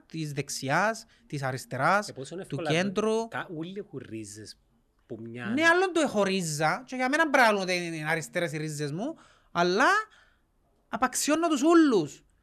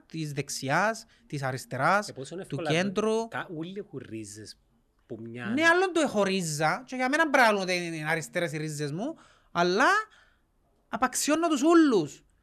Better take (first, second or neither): neither